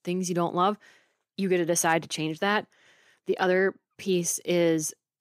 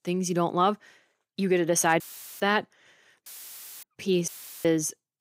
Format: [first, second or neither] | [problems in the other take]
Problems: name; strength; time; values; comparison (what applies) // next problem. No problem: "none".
first | audio cutting out; filled with static; at 2 s, at 3.5 s for 0.5 s and at 4.5 s